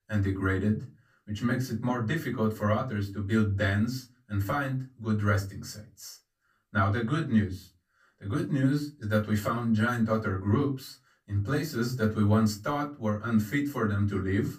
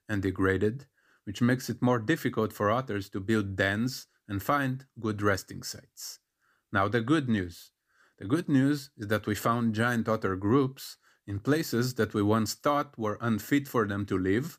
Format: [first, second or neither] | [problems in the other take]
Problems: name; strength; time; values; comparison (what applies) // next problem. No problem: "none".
second | off-mic speech; far // room echo; very slight; dies away in 0.3 s